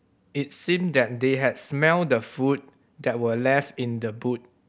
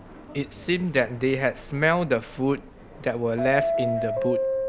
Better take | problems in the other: first | background sound (Subway, metro, underground); 4 dB below the speech

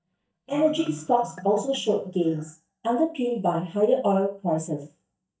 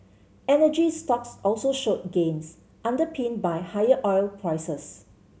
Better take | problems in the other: second | noise reduction (neural mask model DeepFilterNet 3)

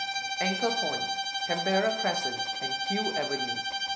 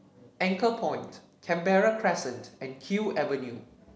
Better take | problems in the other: second | background sound (Bowed string instrument); 1 dB above the speech

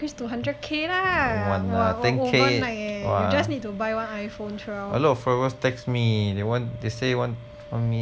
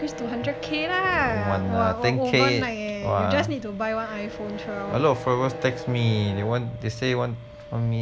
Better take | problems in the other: first | background sound (Bowed string instrument); 14 dB below the speech

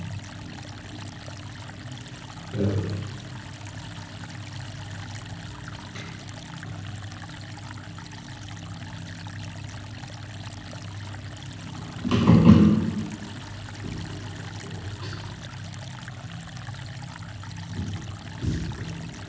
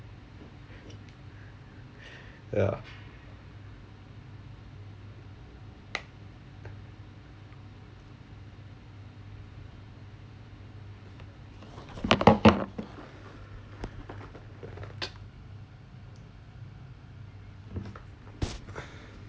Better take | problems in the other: second | background sound (Stream); 15 dB below the speech // room echo; dies away in 1.2 s

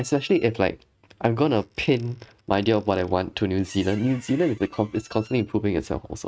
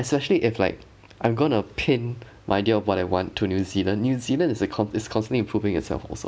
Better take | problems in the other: second | noise reduction (neural mask model RNNoise)

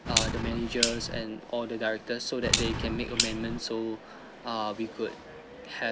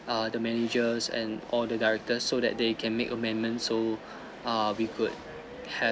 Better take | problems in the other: second | background sound (Clock); 1 dB above the speech

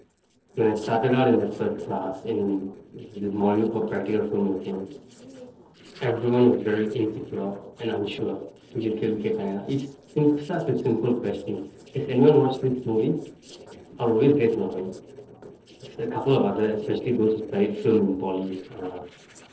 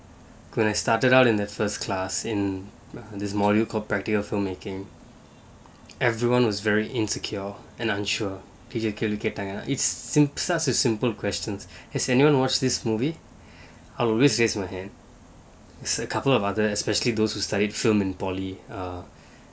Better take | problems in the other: second | noise reduction (neural separator model SepFormer DNS4)

